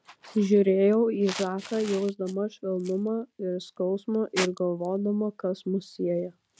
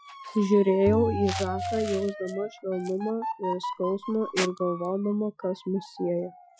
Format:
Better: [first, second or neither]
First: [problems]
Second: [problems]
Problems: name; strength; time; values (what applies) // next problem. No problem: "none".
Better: first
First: none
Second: noise reduction (classical method Wiener filter)